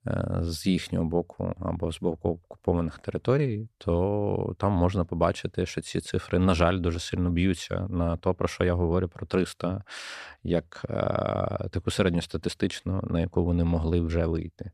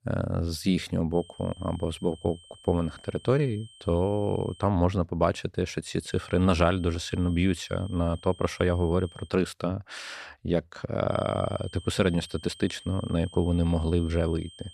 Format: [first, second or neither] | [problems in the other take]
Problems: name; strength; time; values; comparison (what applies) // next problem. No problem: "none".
first | high-pitched whine; faint; from 1 to 4.5 s, from 6 to 9.5 s and from 11 s on; 3 kHz, 20 dB below the speech